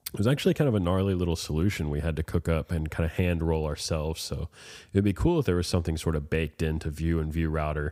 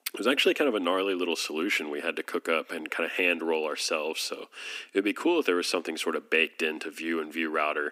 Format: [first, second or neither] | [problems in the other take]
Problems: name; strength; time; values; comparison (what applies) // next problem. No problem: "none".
first | thin; somewhat; fading below 250 Hz